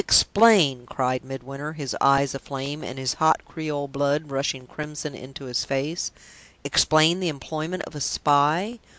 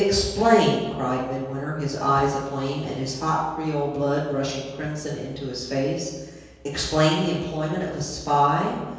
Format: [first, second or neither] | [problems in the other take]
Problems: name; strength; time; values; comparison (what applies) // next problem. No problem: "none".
first | room echo; dies away in 1.2 s